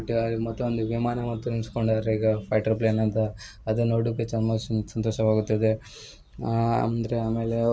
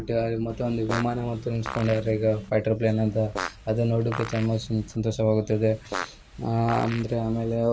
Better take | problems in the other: first | background sound (Fart); 13 dB below the speech

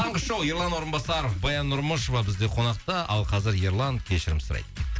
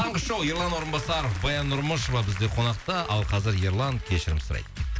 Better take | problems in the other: first | background sound (Bowed string instrument + Applause); 17 dB below the speech

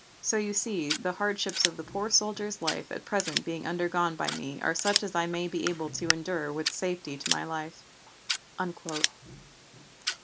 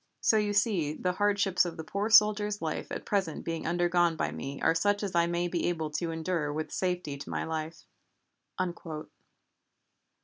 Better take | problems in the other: second | background sound (Scissors); 4 dB below the speech

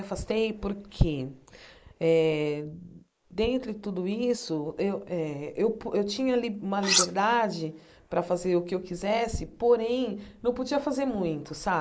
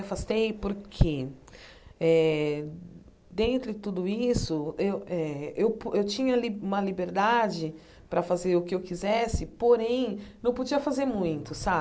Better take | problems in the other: second | noise reduction (neural mask model Resemble Enhance denoiser)

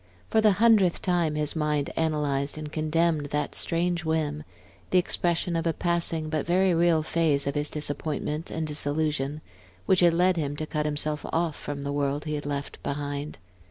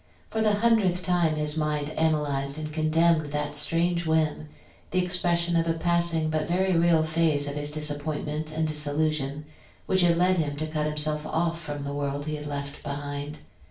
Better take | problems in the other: first | room echo; dies away in 0.4 s

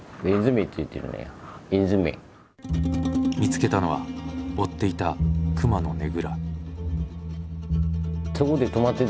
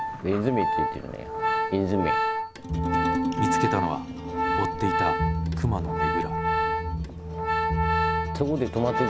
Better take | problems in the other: first | background sound (Organ); as loud as the speech

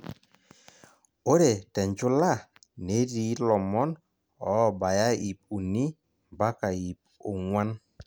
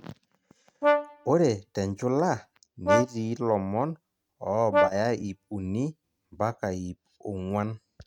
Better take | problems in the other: first | noise reduction (neural mask model RNNoise)

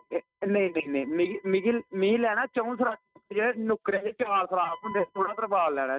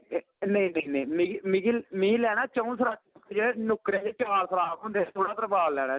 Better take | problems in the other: second | noise reduction (neural mask model RNNoise)

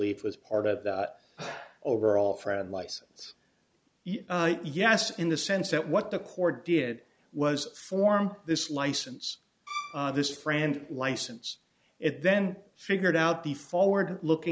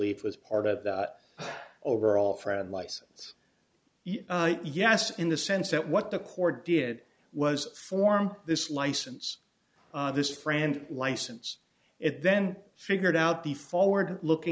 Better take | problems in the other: second | background sound (Bowed string instrument); 10 dB below the speech

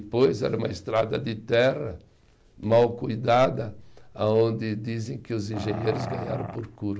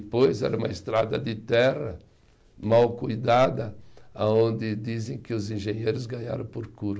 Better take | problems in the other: second | background sound (Growling); 9 dB below the speech

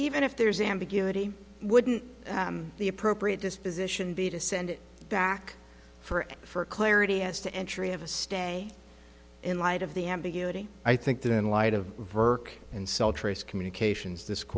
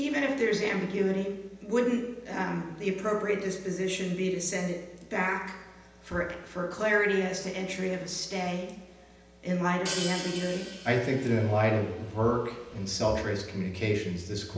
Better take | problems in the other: first | background sound (Hi-hat); 11 dB below the speech // room echo; dies away in 0.9 s

